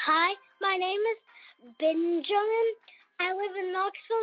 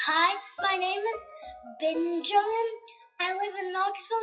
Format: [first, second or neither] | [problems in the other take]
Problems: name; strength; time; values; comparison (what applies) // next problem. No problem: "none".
first | noise reduction (classical method WPE with log-MMSE)